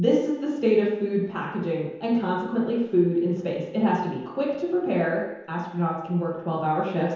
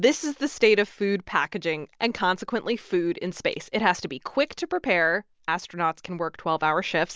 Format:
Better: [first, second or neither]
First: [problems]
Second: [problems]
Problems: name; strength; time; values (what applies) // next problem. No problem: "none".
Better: second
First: room echo; dies away in 0.9 s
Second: none